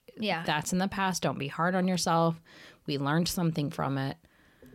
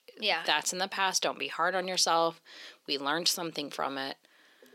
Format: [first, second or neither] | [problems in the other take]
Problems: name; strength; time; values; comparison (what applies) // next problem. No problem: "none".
first | thin; somewhat; fading below 350 Hz